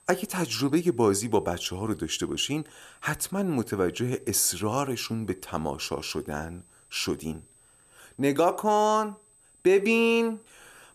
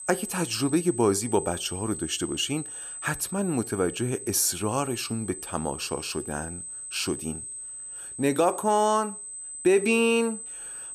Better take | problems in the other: first | high-pitched whine; loud; throughout; 8 kHz, 9 dB below the speech; faint in the first

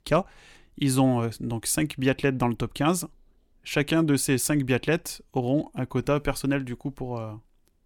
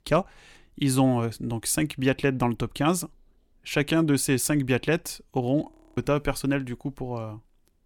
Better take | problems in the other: first | audio freezing; at 5.5 s

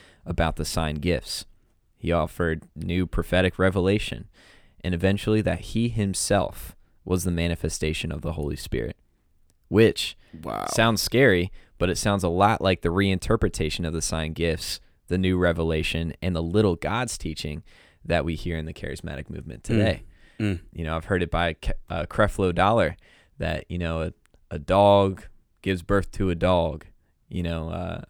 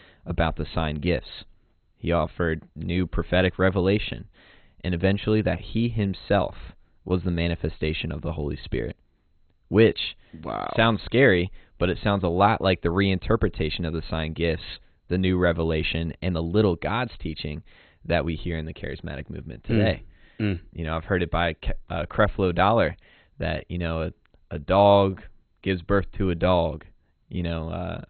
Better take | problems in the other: first | garbled, watery; badly; nothing above 4 kHz

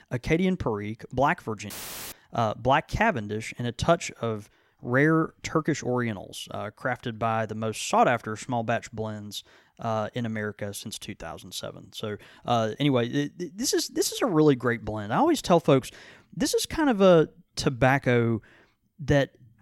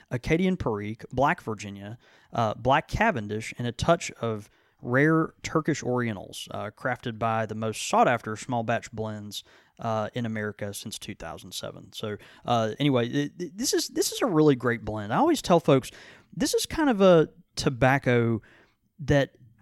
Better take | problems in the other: second | audio cutting out; filled with static; at 1.5 s

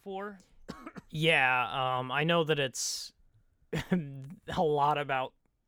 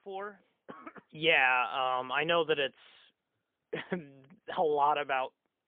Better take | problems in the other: first | phone-call audio; poor line; nothing above 3 kHz

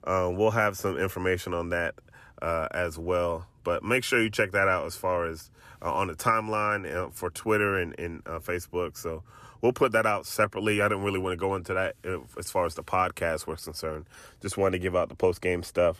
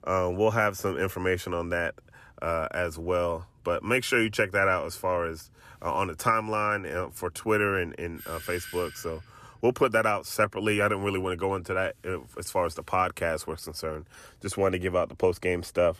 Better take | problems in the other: first | doorbell; faint; from 8 to 9 s; peak 10 dB below the speech

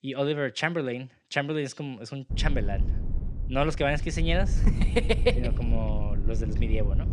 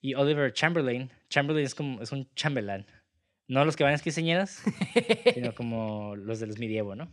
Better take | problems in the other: second | low rumble; noticeable; from 2.5 s on; 15 dB below the speech

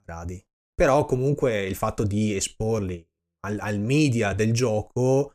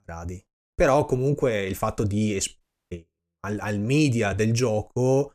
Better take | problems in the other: first | audio cutting out; at 2.5 s

